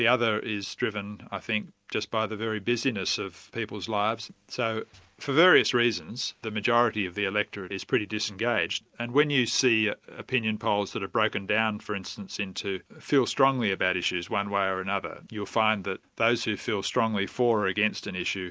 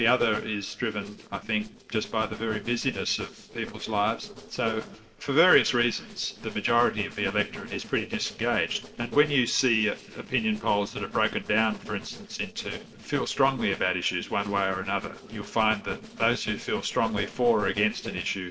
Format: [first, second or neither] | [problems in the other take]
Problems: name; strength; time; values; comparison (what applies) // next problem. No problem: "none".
first | noise reduction (neural separator model SepFormer DNS4)